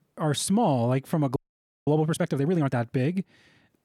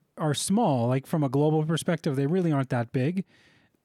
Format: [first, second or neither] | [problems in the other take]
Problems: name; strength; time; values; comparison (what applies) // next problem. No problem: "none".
second | audio freezing; at 1.5 s for 0.5 s